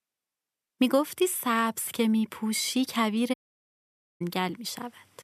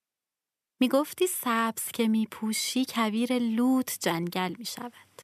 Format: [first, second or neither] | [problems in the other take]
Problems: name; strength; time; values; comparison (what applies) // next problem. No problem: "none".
second | audio cutting out; at 3.5 s for 1 s